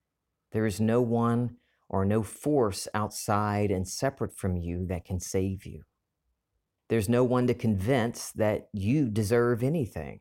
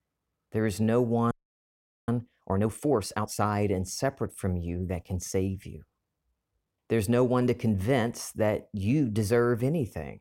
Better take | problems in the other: first | audio freezing; at 1.5 s for 1 s

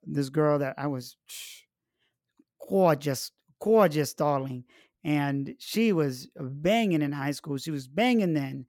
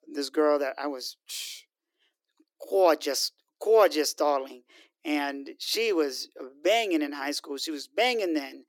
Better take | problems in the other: first | thin; somewhat; fading below 300 Hz

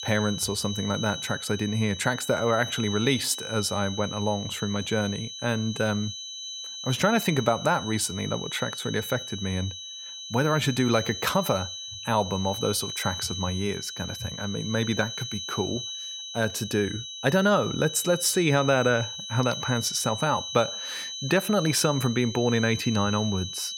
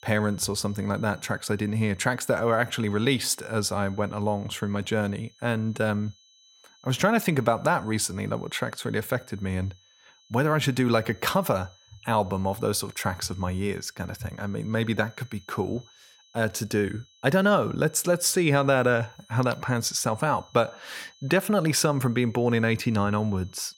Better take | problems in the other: second | high-pitched whine; loud; throughout; 4 kHz, 7 dB below the speech; faint in the second

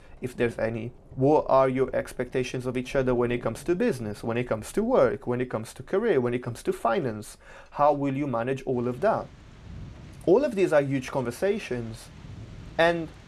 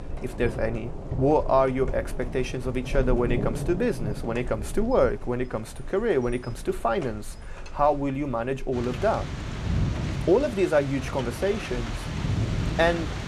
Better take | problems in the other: first | rain or running water; loud; throughout; 7 dB below the speech; faint in the first

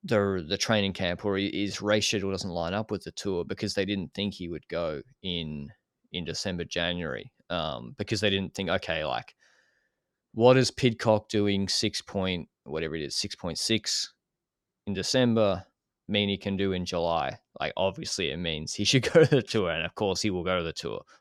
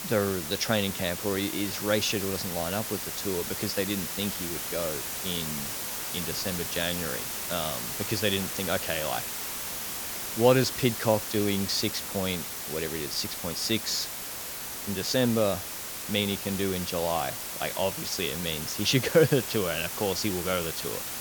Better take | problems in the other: first | hiss; loud; throughout; 3 dB below the speech

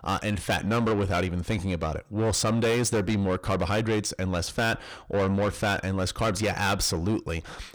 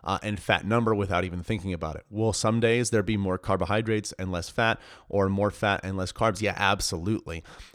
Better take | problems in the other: second | distortion; heavy; 7 dB below the speech

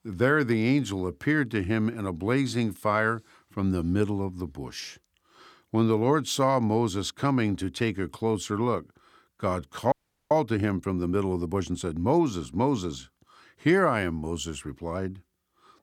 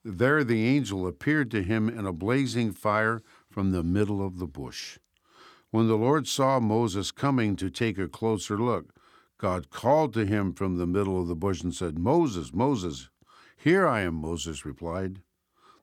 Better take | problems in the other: second | audio freezing; at 10 s

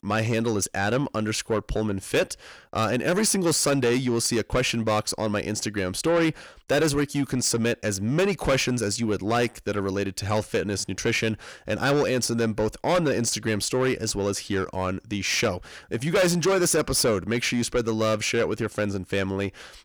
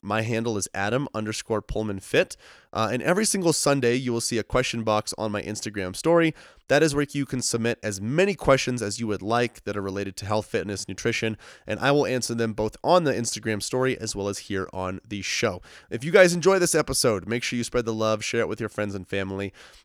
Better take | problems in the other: second | distortion; heavy; 8 dB below the speech

